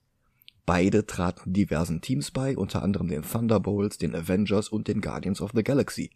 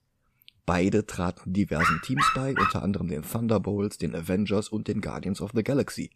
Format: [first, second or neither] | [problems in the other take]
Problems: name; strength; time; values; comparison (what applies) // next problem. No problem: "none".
first | dog barking; loud; at 2 s; peak 4 dB above the speech